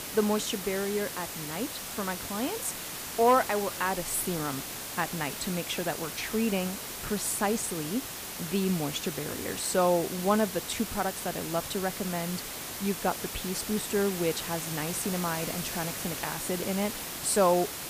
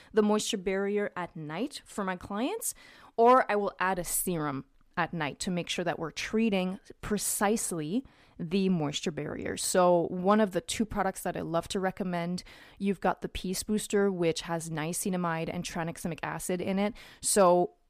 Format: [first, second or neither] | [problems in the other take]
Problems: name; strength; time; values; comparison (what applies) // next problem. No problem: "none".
second | hiss; loud; throughout; 5 dB below the speech